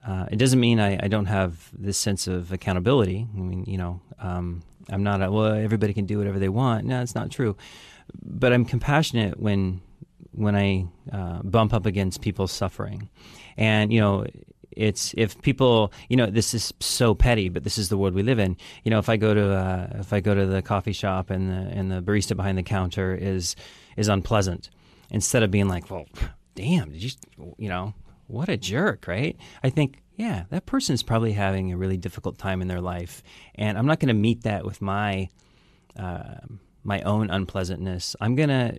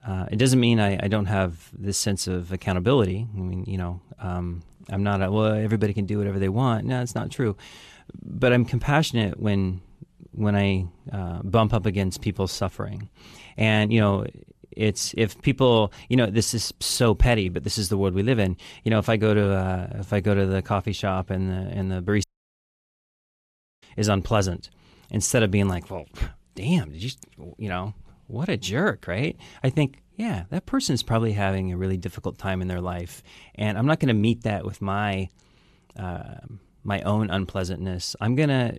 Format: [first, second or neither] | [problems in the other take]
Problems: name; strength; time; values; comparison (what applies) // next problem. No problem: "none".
first | audio cutting out; at 22 s for 1.5 s